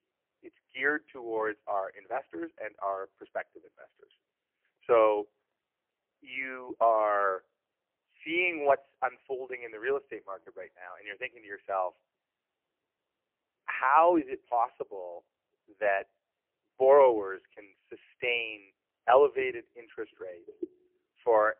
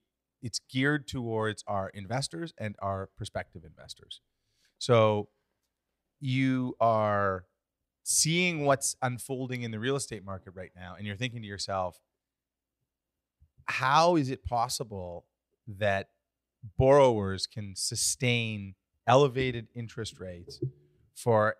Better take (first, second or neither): second